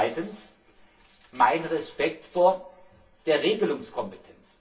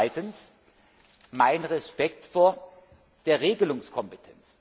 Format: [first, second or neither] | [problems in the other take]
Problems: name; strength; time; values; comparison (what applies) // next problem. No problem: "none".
second | room echo; dies away in 0.2 s